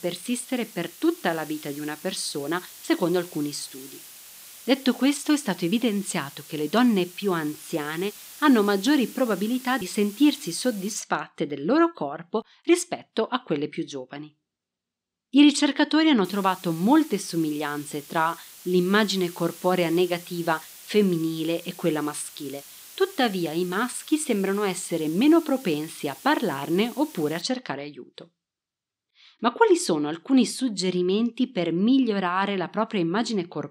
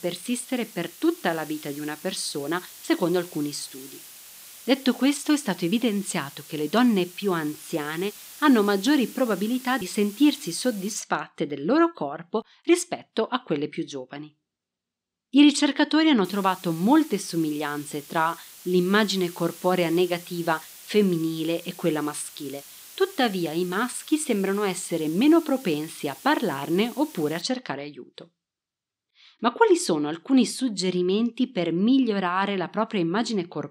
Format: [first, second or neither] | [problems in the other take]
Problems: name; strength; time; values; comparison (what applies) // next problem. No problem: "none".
neither | hiss; noticeable; until 11 s and from 16 to 27 s; 20 dB below the speech; the same in both